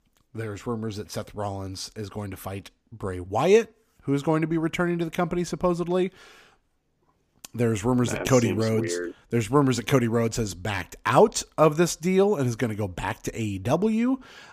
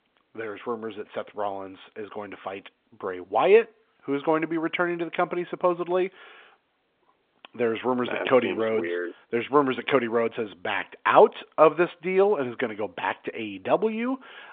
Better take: first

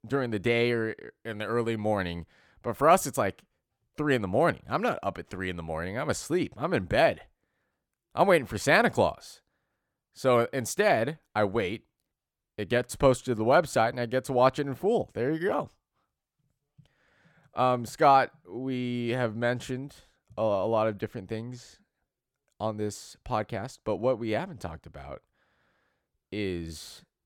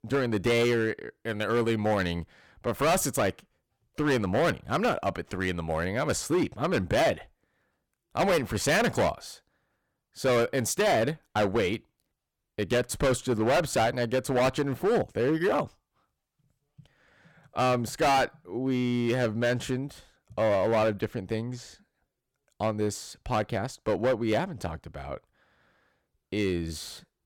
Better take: first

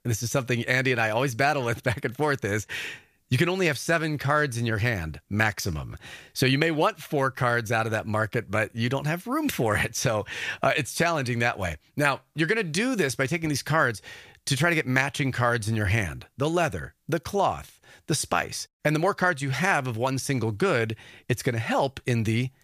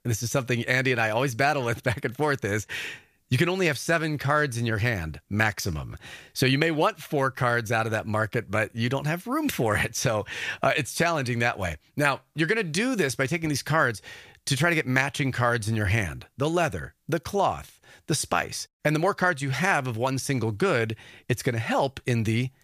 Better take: neither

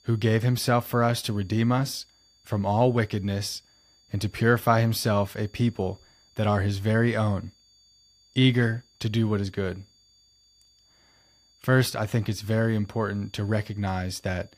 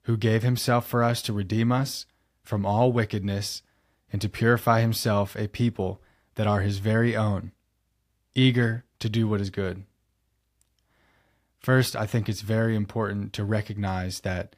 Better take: second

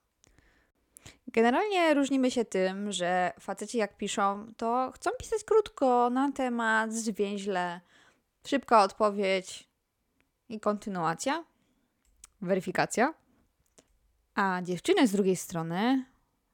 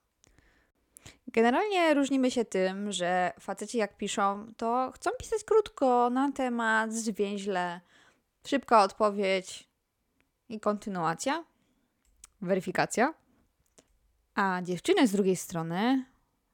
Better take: neither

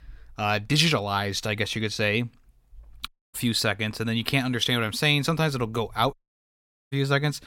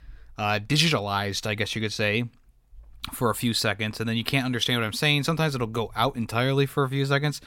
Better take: second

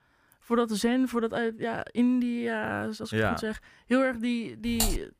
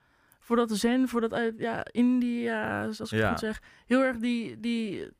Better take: second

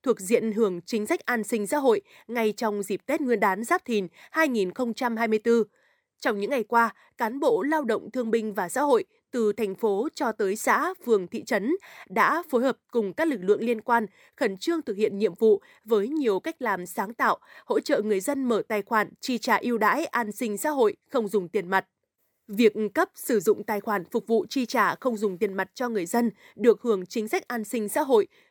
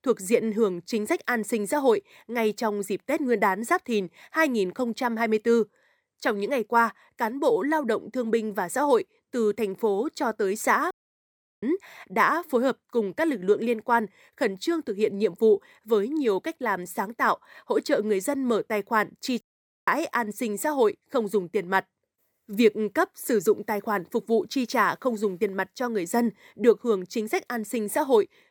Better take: first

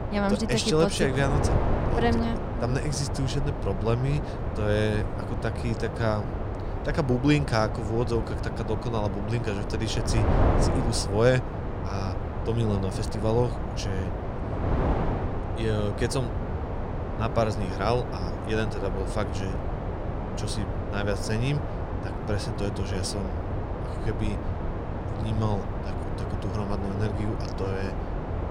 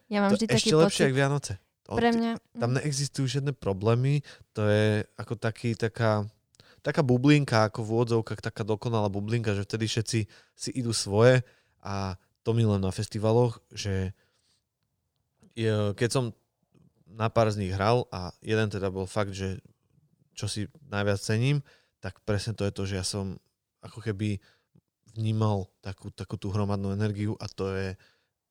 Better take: second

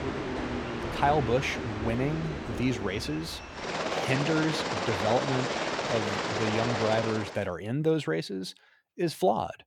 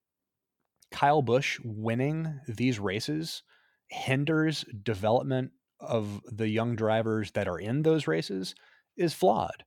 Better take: second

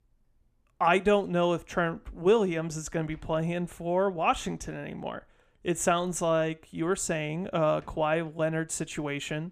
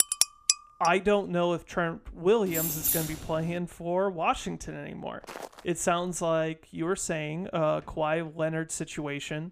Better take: first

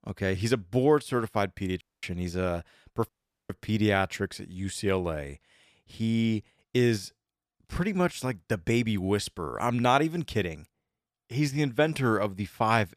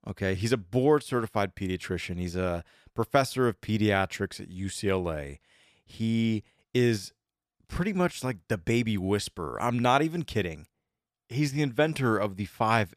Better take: second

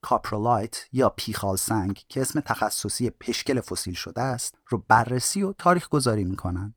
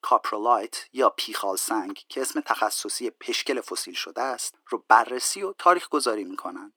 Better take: first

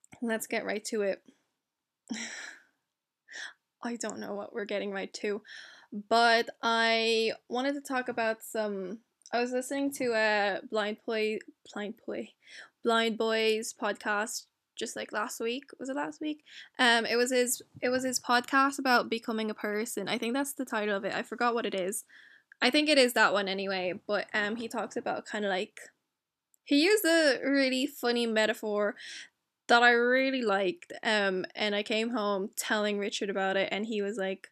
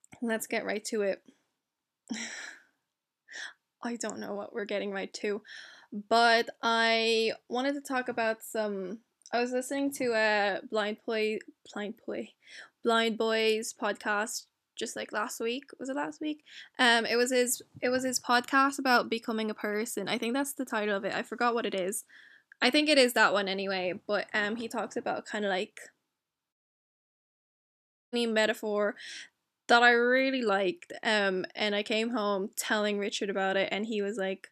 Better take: first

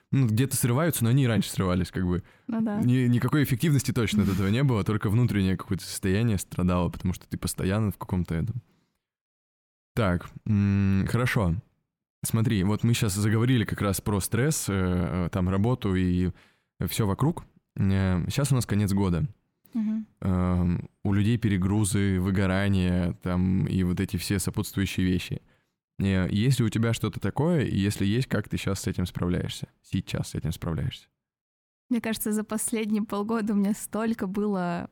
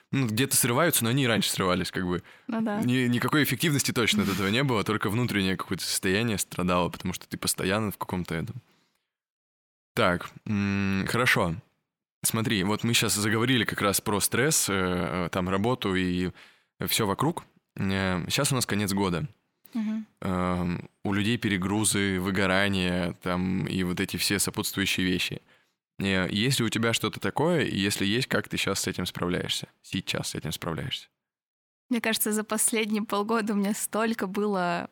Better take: first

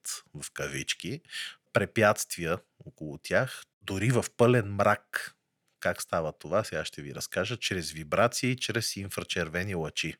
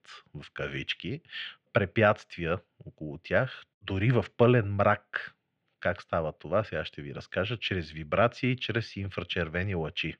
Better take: first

